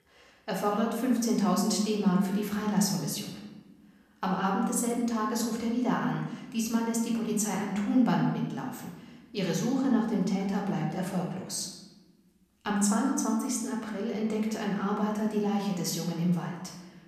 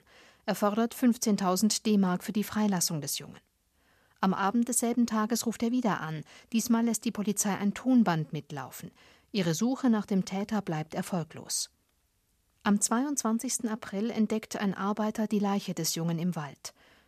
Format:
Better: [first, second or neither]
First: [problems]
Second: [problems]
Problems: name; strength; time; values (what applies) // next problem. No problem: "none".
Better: second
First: room echo; noticeable; dies away in 0.9 s // off-mic speech; somewhat distant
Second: none